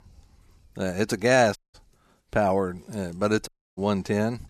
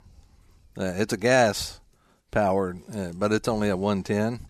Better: second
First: audio cutting out; at 1.5 s and at 3.5 s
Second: none

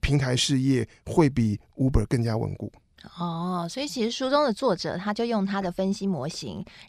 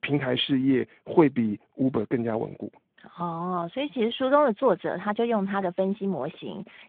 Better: first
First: none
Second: phone-call audio; nothing above 3.5 kHz

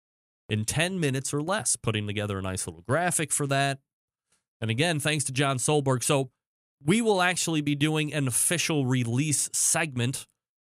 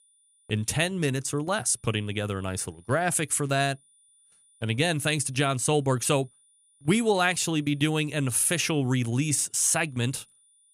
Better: first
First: none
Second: high-pitched whine; faint; throughout; 9.5 kHz, 35 dB below the speech

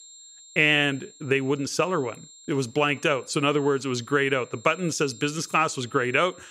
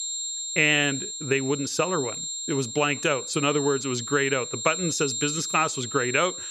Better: first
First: high-pitched whine; faint; throughout; 7.5 kHz, 25 dB below the speech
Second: high-pitched whine; loud; throughout; 7.5 kHz, 5 dB below the speech

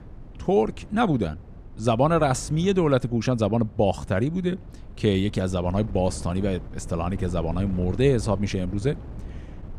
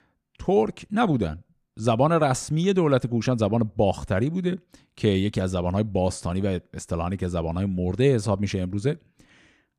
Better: second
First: wind noise on the microphone; occasional gusts; 20 dB below the speech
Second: none

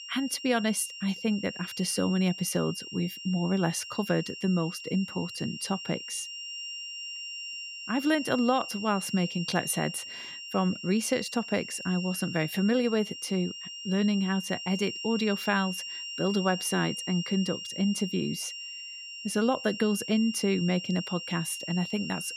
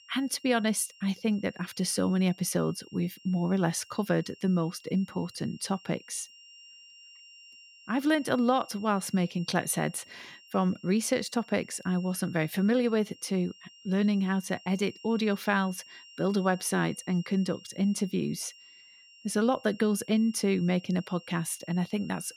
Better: second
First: high-pitched whine; loud; throughout; 3 kHz, 8 dB below the speech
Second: high-pitched whine; faint; throughout; 3 kHz, 20 dB below the speech

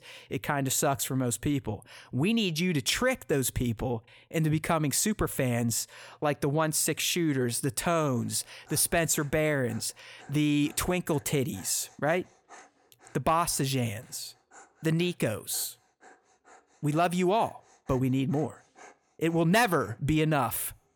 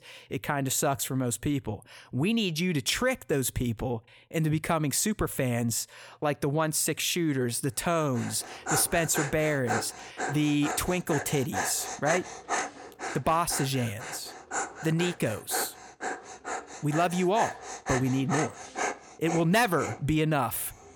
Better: first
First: animal sounds; faint; from 8.5 s on; 30 dB below the speech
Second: animal sounds; loud; from 8.5 s on; 7 dB below the speech

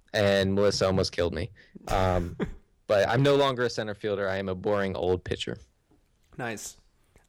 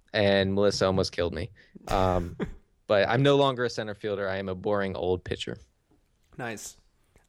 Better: second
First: distortion; slight; 2% of the sound clipped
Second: none

